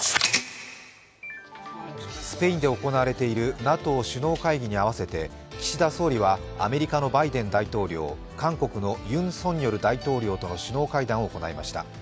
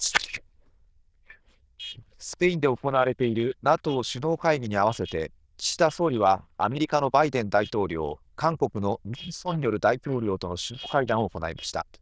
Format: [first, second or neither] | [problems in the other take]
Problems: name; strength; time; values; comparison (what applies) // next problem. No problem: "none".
first | noise reduction (neural diffusion model UNIVERSE++)